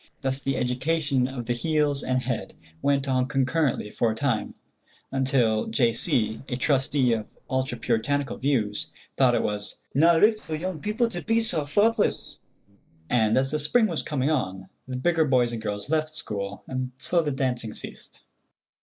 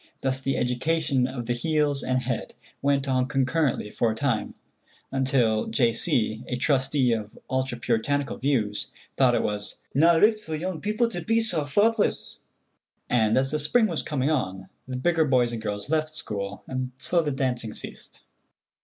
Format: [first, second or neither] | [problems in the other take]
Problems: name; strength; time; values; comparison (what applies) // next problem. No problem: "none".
second | noise reduction (neural separator model SepFormer DNS4)